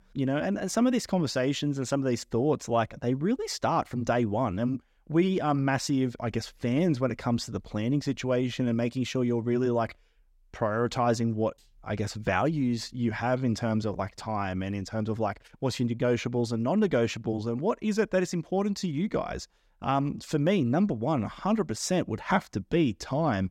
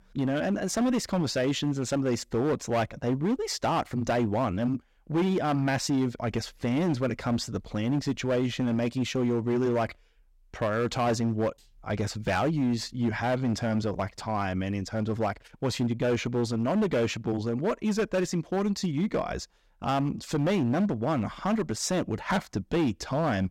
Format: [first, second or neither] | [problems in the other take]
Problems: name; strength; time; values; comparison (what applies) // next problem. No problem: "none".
first | distortion; slight; 10% of the sound clipped